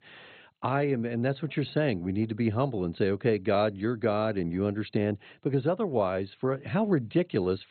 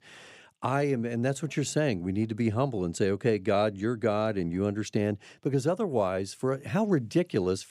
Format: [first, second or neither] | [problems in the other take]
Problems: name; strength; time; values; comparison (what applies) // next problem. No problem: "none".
second | garbled, watery; badly; nothing above 4 kHz